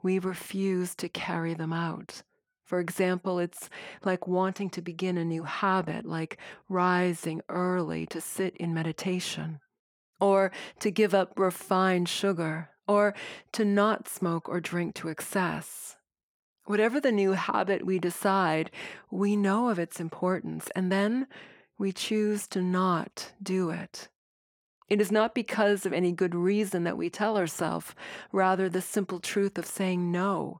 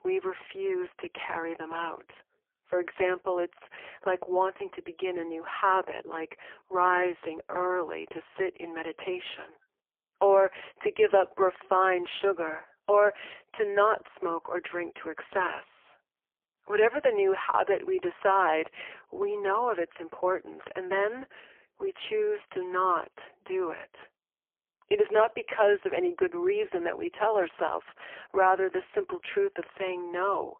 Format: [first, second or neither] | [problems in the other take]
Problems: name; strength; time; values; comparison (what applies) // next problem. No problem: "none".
first | phone-call audio; poor line; nothing above 3.5 kHz